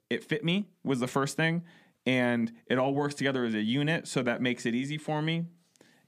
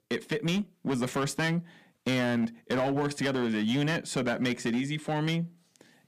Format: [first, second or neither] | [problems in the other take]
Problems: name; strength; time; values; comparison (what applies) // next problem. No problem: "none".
first | distortion; slight; 10% of the sound clipped